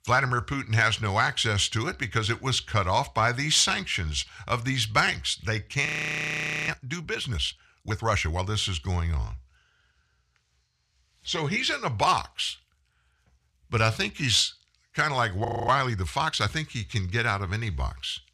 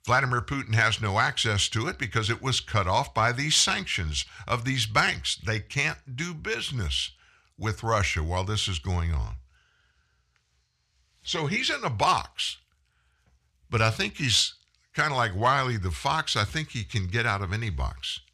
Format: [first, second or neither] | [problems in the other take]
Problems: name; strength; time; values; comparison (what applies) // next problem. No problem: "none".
second | audio freezing; at 6 s for 1 s and at 15 s